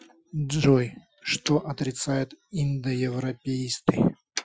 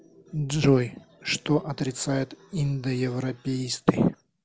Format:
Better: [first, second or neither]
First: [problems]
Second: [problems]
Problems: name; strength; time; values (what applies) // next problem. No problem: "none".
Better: second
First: noise reduction (classical method Wiener filter)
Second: none